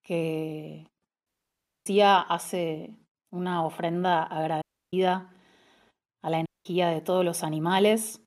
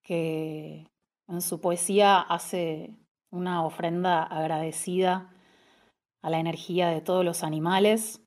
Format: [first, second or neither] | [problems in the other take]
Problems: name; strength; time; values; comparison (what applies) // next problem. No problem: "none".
second | audio cutting out; at 1.5 s for 0.5 s, at 4.5 s and at 6.5 s